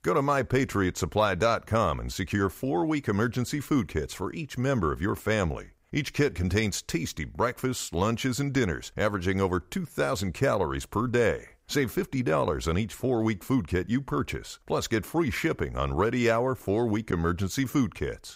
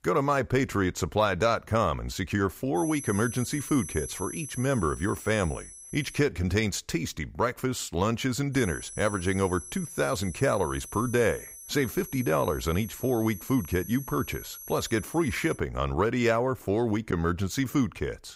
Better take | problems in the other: first | high-pitched whine; noticeable; from 3 to 6 s and from 8.5 to 16 s; 11 kHz, 10 dB below the speech

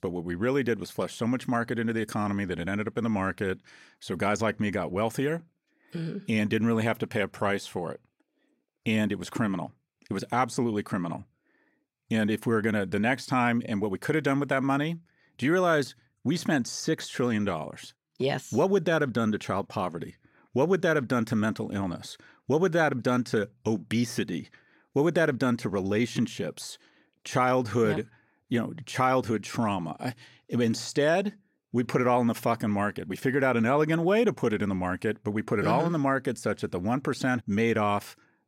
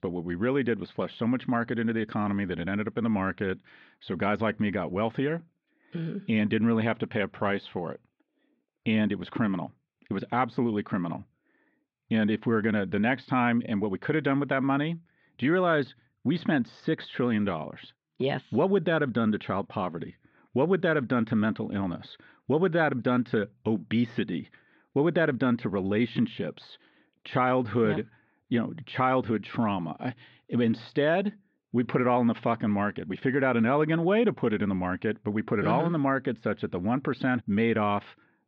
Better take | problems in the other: first | muffled; very; fading above 3.5 kHz

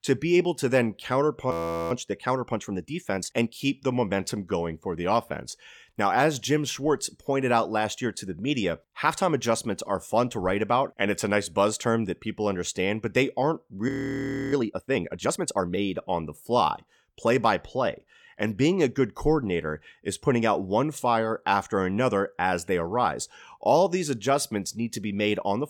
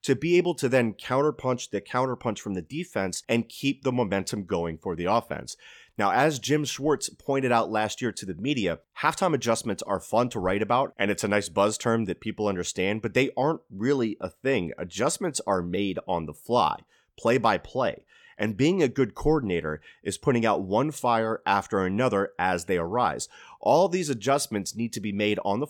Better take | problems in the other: second | audio freezing; at 1.5 s and at 14 s for 0.5 s

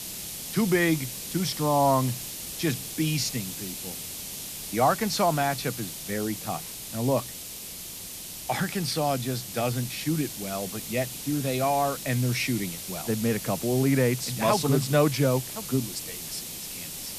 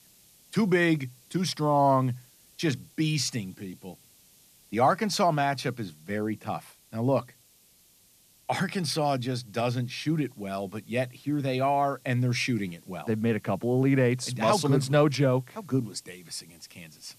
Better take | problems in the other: second | hiss; loud; throughout; 7 dB below the speech; faint in the second

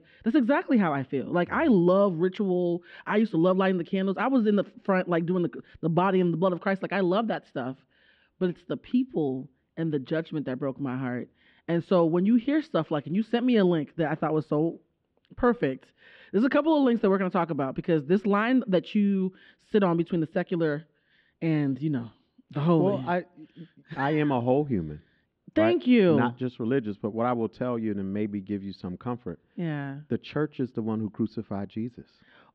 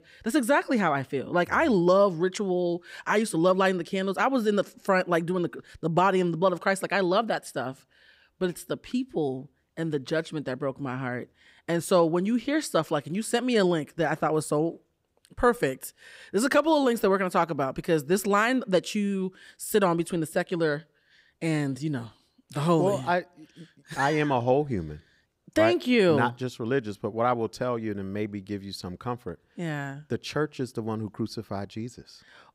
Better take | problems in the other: second | muffled; slightly; fading above 3.5 kHz

